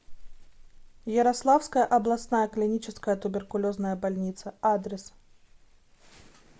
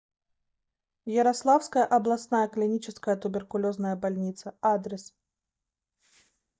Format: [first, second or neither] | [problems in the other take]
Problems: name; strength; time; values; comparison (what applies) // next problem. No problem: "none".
first | noise reduction (neural mask model DeepFilterNet 3)